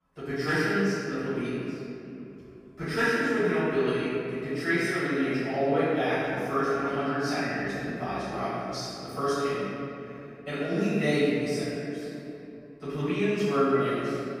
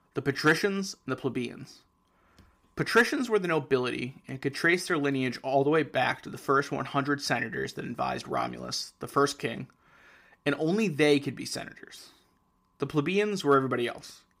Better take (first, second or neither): second